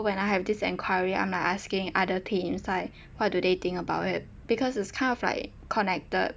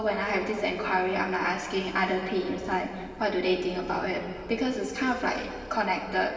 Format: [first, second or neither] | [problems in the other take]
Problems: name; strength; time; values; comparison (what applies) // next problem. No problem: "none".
first | room echo; dies away in 2.4 s